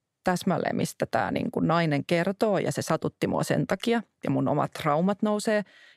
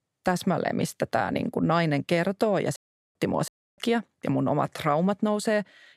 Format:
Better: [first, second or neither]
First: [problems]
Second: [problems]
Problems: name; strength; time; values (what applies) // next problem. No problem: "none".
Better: first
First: none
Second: audio cutting out; at 3 s and at 3.5 s